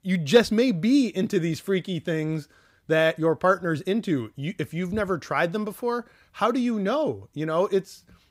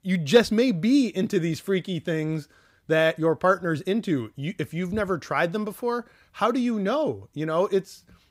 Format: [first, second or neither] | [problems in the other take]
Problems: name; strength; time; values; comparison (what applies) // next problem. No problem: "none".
neither | none